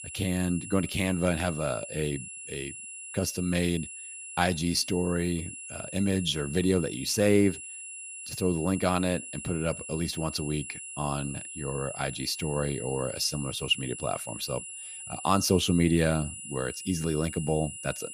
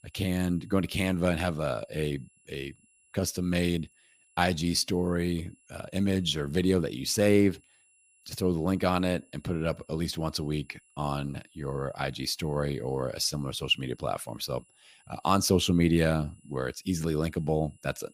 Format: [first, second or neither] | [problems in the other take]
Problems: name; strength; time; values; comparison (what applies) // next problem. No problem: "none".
second | high-pitched whine; loud; throughout; 10 kHz, 9 dB below the speech; faint in the second